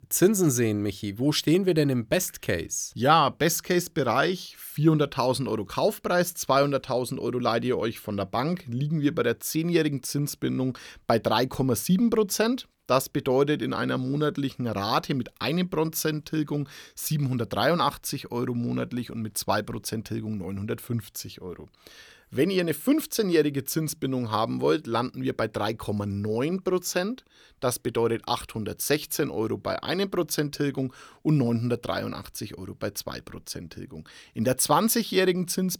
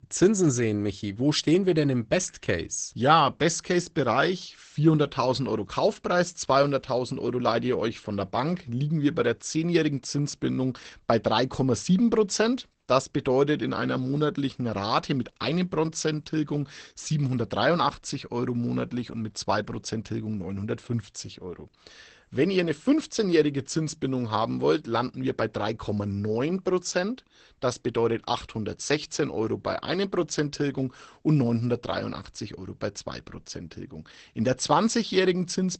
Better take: first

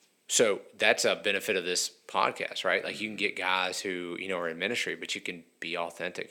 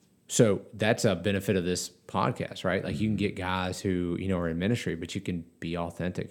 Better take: second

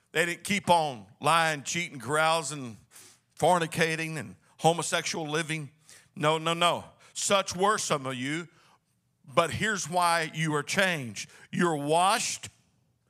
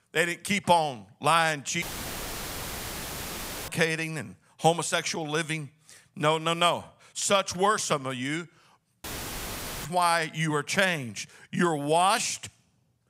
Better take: first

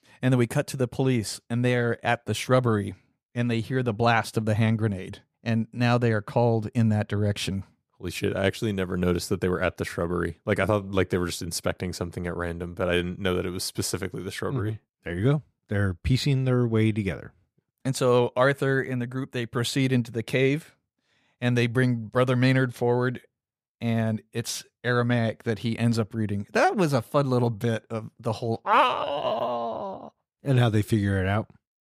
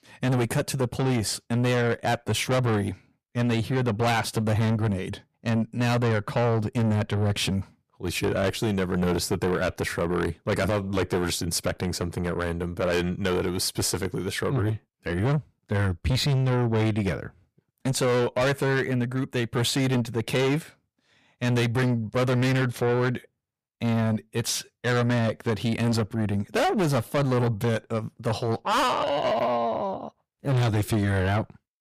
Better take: first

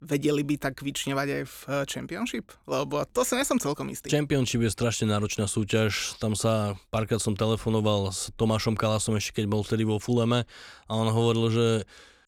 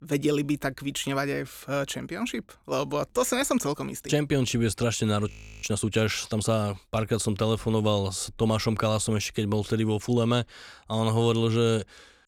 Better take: first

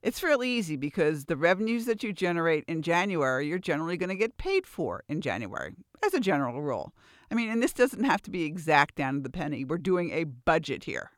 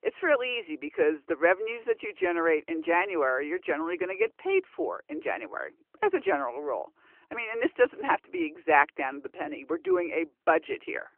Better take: first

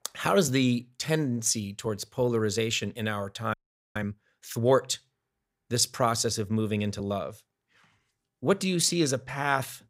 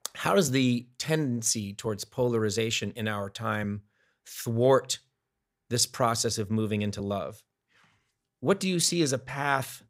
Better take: second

